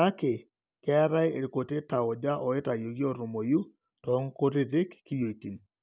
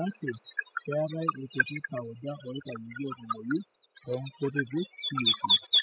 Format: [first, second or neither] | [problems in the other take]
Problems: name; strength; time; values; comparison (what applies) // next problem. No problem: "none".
first | noise reduction (classical method spectral subtraction)